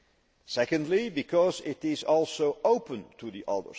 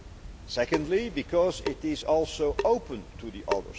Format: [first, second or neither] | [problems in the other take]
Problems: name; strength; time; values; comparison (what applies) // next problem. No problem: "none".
first | background sound (Drip / Sink (filling or washing) / Water tap, faucet); 9 dB below the speech